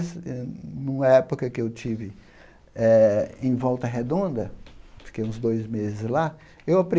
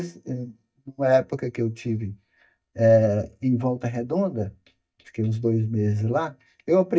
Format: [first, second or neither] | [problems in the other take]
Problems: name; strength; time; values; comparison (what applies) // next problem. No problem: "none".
first | noise reduction (neural mask model DeepFilterNet 3)